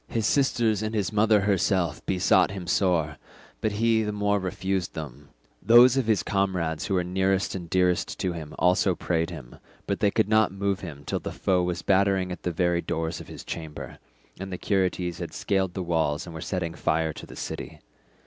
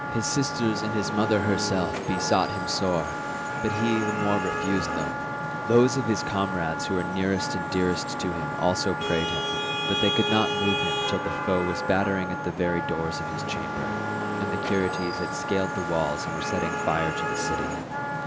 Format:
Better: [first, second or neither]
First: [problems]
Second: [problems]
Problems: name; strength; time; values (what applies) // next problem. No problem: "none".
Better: first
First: none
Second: background sound (Traffic noise, roadway noise / Vehicle horn, car horn, honking + Wind instrument, woodwind instrument); 1 dB below the speech